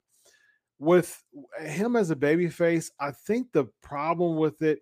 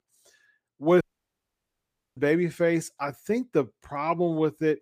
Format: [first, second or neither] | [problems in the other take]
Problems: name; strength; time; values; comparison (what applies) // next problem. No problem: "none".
first | audio cutting out; at 1 s for 1 s